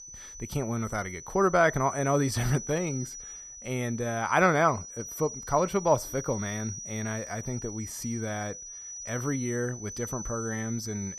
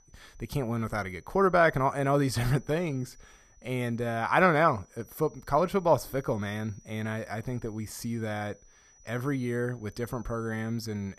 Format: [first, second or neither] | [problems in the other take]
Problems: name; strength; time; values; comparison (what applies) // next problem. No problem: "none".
second | high-pitched whine; loud; throughout; 6 kHz, 10 dB below the speech; faint in the second